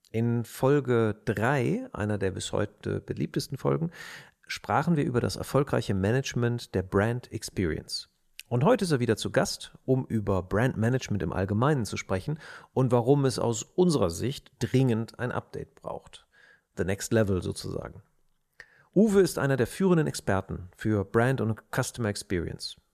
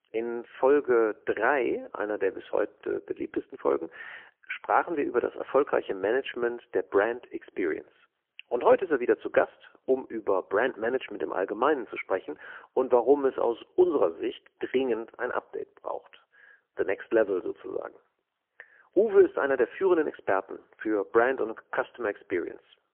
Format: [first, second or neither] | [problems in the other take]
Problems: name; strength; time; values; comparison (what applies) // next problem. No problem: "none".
first | phone-call audio; poor line; nothing above 3 kHz